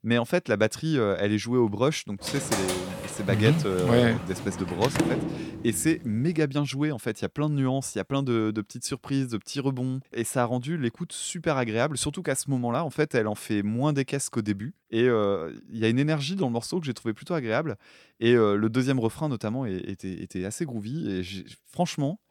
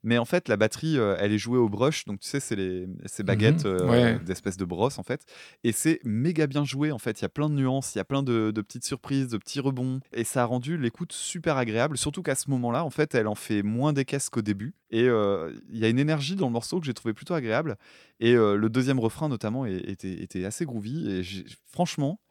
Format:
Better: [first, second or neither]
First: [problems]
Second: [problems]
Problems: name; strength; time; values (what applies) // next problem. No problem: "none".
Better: second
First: door banging; loud; from 2.5 to 5.5 s; peak 1 dB above the speech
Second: none